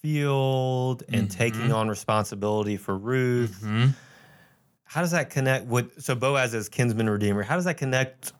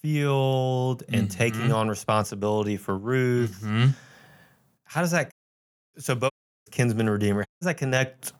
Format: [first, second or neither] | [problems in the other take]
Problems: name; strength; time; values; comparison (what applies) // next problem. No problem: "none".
first | audio cutting out; at 5.5 s for 0.5 s, at 6.5 s and at 7.5 s